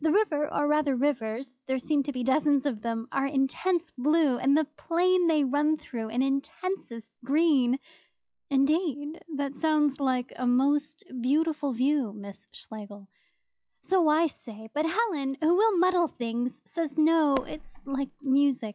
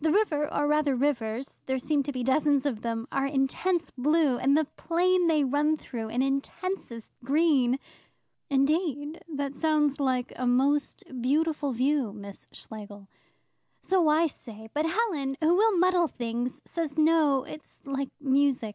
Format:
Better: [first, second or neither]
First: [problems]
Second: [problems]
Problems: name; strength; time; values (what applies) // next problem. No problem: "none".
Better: second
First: noise reduction (classical method log-MMSE)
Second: none